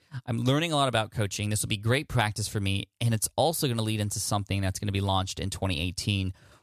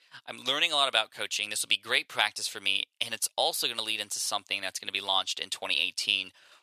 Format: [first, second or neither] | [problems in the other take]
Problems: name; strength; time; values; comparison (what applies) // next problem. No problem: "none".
first | thin; very; fading below 600 Hz